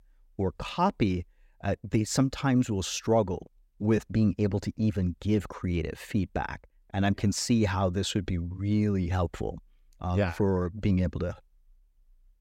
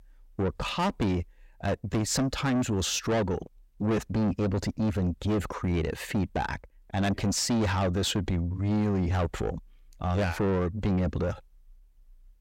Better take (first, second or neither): first